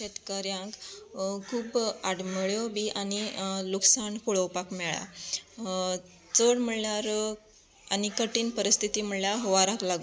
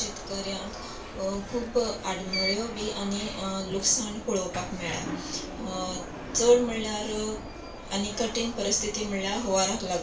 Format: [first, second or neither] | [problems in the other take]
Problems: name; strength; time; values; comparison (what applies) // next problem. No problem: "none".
first | background sound (Alarm); 9 dB below the speech // room echo; dies away in 0.3 s